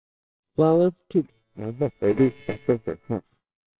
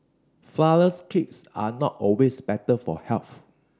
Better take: second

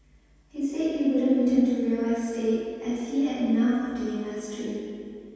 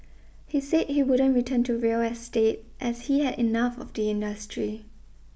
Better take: second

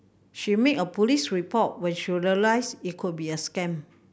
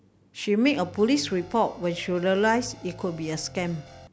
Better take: first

